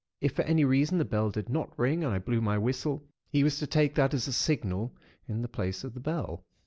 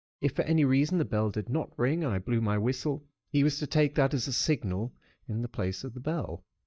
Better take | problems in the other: first | noise reduction (neural mask model DeepFilterNet 3)

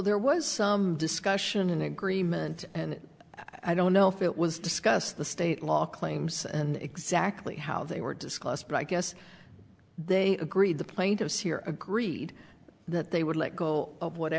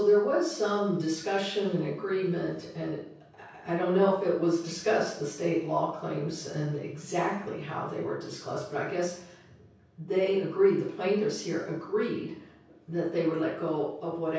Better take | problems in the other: first | room echo; dies away in 0.6 s

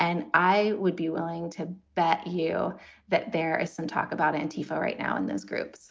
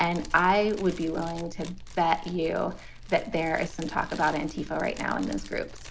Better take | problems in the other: first | background sound (Fire); 13 dB below the speech

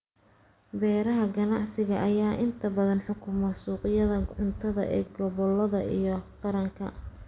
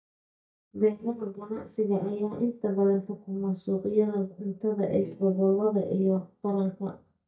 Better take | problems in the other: first | noise reduction (neural mask model DeepFilterNet 3)

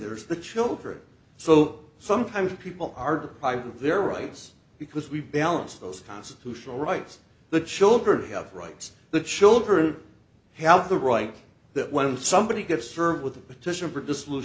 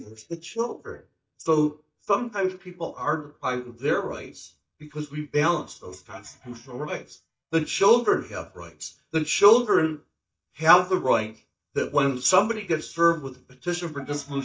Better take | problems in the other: first | noise reduction (neural mask model DeepFilterNet 3)

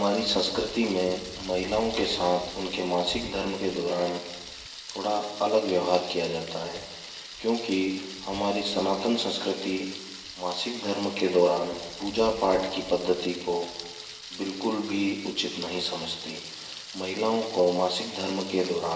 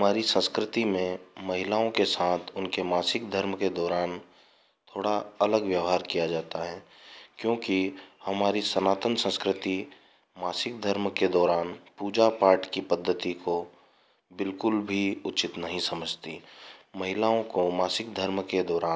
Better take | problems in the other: second | background sound (Thunder); 13 dB below the speech // room echo; dies away in 1.2 s

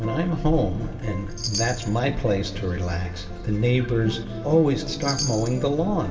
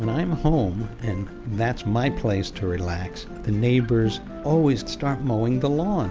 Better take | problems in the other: second | background sound (Chime); 11 dB below the speech // room echo; dies away in 1.7 s

